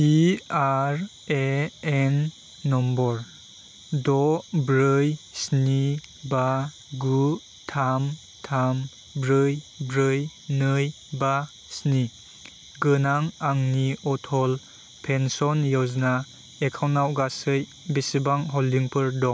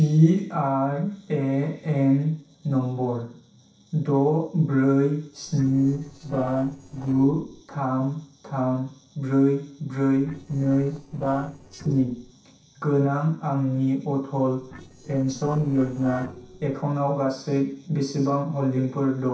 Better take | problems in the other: first | noise reduction (neural separator model SepFormer DNS4)

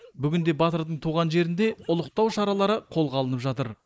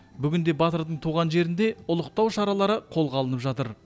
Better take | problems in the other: second | noise reduction (neural mask model Resemble Enhance denoiser)

